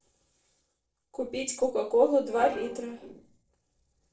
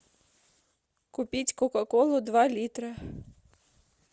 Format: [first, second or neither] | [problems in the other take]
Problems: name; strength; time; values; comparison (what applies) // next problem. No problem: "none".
second | noise reduction (neural separator model SepFormer DNS4)